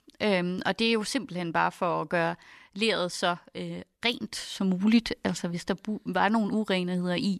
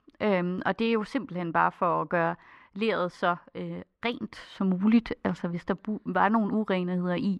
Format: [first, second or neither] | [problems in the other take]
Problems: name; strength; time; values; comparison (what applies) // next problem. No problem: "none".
first | muffled; very; fading above 3.5 kHz